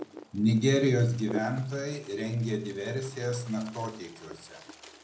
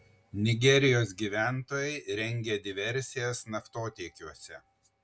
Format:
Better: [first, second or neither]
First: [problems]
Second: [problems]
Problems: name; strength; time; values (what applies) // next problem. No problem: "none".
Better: second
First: background sound (Wind); 16 dB below the speech // room echo; dies away in 0.5 s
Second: none